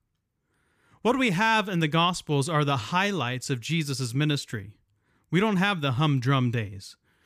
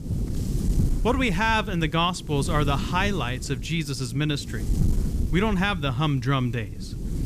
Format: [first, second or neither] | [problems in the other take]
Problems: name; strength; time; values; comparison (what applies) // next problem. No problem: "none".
first | wind noise on the microphone; occasional gusts; 15 dB below the speech